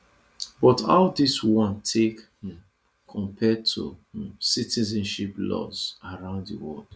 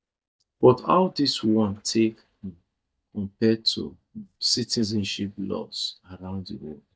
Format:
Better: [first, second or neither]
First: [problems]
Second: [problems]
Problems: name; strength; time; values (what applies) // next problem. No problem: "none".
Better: first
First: none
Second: noise reduction (neural mask model DeepFilterNet 3)